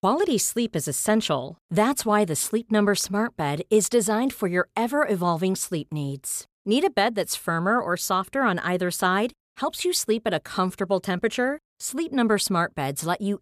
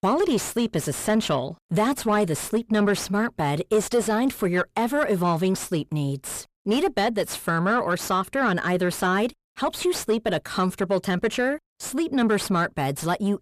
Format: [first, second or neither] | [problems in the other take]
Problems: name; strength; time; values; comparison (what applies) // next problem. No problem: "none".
first | distortion; slight; 10 dB below the speech